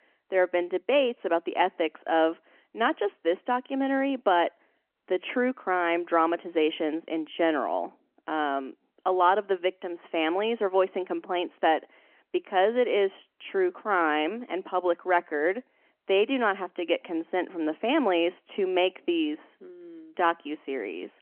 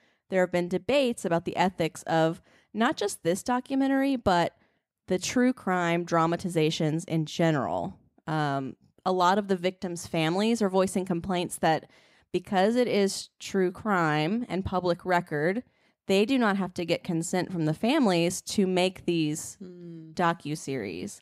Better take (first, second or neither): second